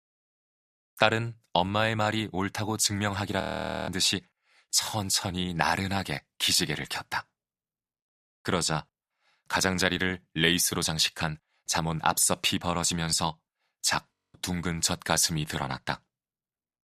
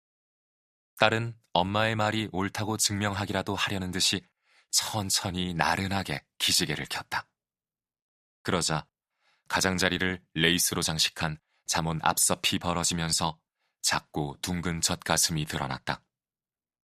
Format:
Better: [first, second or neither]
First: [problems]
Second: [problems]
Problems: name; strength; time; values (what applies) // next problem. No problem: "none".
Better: second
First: audio freezing; at 3.5 s and at 14 s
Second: none